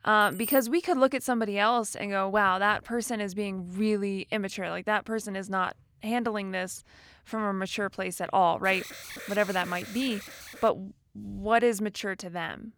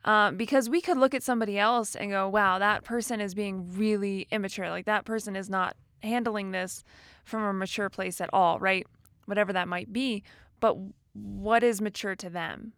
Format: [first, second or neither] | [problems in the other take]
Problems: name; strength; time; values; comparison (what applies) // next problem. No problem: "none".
second | jangling keys; noticeable; at the start; peak 4 dB below the speech // alarm; faint; from 8.5 to 11 s; peak 10 dB below the speech